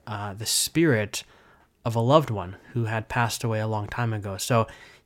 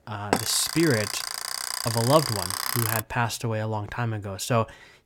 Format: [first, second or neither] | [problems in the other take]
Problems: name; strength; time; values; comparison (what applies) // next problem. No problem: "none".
first | alarm; loud; until 3 s; peak 1 dB above the speech